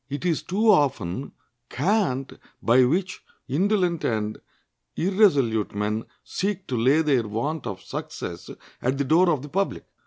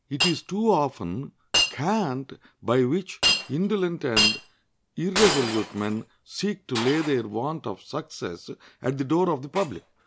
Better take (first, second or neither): first